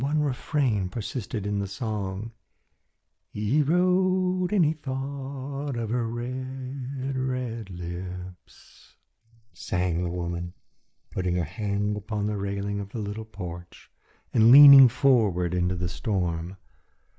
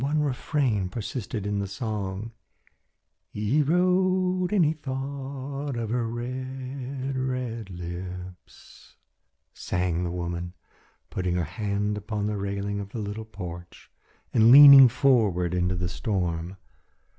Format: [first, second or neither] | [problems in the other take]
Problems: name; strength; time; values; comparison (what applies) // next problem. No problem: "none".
second | noise reduction (neural mask model Resemble Enhance denoiser)